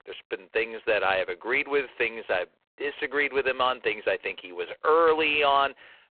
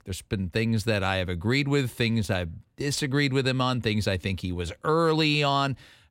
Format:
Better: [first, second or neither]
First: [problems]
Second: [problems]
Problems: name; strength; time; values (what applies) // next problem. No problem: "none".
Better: second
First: phone-call audio; poor line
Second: none